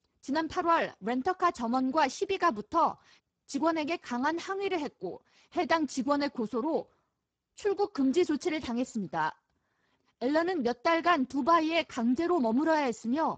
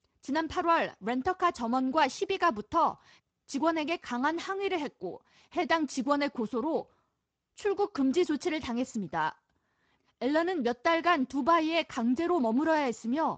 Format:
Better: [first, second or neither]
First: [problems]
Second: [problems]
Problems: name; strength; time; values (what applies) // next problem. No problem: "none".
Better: second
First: garbled, watery; badly; nothing above 7.5 kHz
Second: garbled, watery; slightly; nothing above 8 kHz